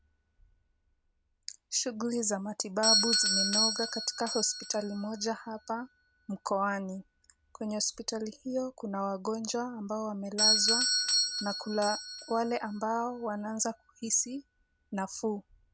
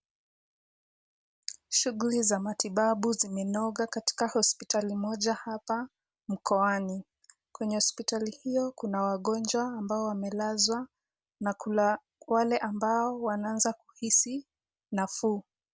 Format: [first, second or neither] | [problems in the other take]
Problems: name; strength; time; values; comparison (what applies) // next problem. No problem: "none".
second | background sound (Doorbell); 1 dB below the speech